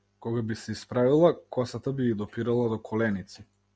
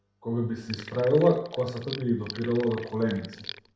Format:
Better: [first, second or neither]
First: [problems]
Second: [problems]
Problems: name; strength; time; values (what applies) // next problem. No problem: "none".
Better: first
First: none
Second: background sound (Sink (filling or washing)); 16 dB below the speech // room echo; dies away in 0.6 s